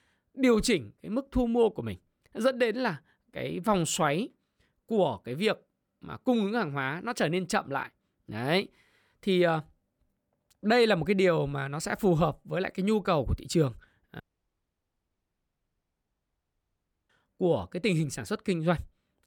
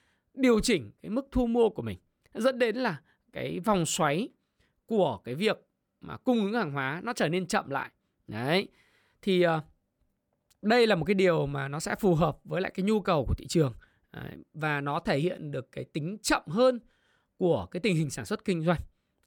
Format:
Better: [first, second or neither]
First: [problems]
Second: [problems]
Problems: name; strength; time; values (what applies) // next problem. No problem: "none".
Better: second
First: audio cutting out; at 14 s for 3 s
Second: none